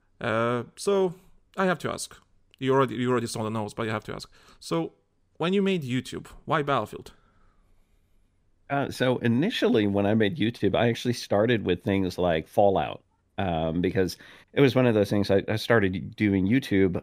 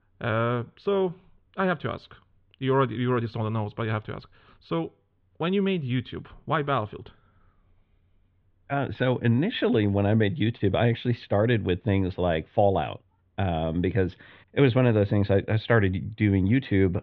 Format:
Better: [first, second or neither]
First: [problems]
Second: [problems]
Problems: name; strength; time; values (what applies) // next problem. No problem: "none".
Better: first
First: none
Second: muffled; very; fading above 3.5 kHz